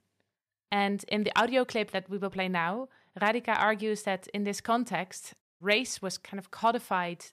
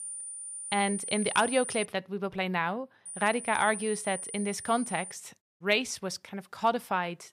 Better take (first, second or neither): first